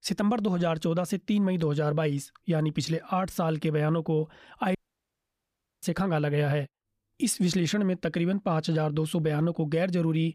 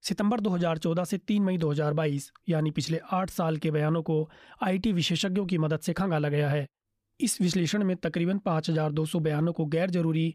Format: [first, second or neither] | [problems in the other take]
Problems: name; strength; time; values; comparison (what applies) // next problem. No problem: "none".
second | audio cutting out; at 5 s for 1 s